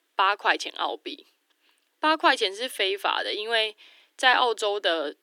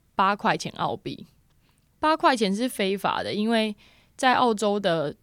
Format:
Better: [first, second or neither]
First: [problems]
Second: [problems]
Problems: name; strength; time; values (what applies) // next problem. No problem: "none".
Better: second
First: thin; very; fading below 300 Hz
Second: none